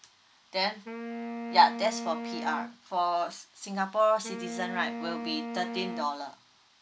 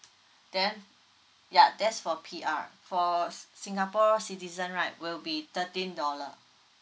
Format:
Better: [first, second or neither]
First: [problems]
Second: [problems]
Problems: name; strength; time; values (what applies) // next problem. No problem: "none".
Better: second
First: background sound (Wind instrument, woodwind instrument); 8 dB below the speech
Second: none